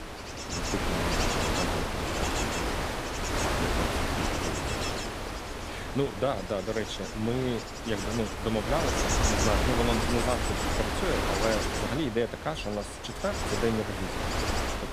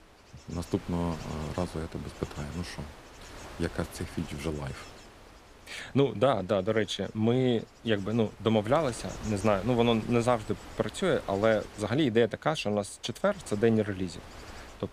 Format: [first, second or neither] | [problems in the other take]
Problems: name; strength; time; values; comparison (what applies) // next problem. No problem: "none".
second | wind noise on the microphone; heavy; 3 dB above the speech; occasional gusts in the second